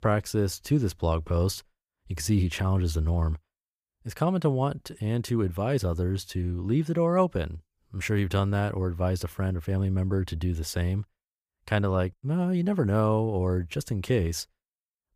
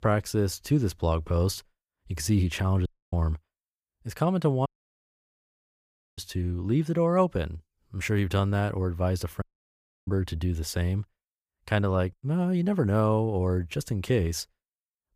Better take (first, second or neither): first